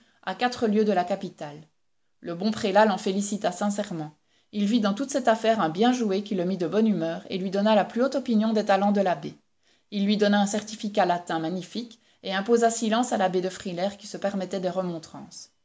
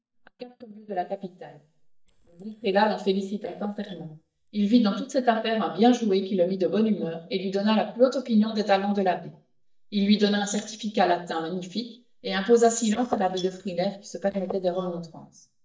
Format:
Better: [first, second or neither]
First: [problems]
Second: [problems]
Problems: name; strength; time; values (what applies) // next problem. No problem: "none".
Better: first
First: none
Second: noise reduction (neural mask model DeepFilterNet 3)